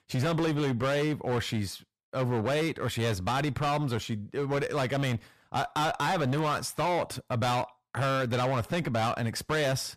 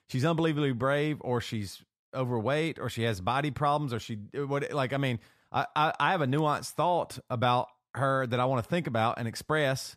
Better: second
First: distortion; heavy; 22% of the sound clipped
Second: none

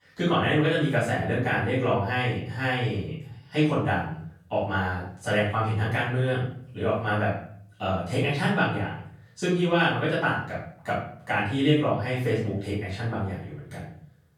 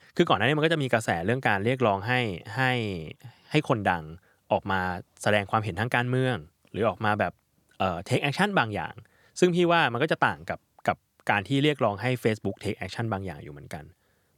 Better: second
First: off-mic speech; far // room echo; noticeable; dies away in 0.5 s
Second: none

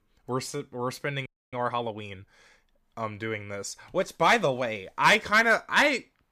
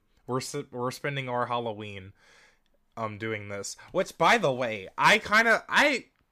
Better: second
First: audio freezing; at 1.5 s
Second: none

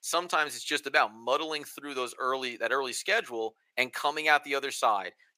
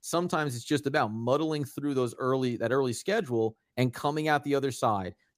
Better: second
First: thin; very; fading below 650 Hz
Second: none

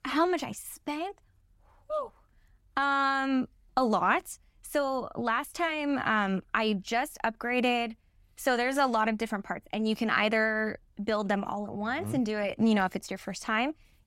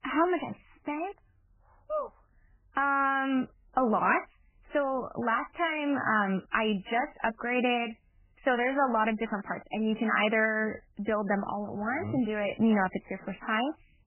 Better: first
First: none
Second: garbled, watery; badly; nothing above 3 kHz

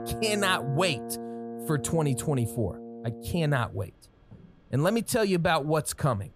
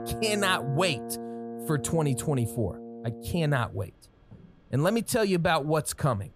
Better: neither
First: background music; noticeable; throughout; 10 dB below the speech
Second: background music; noticeable; throughout; 10 dB below the speech

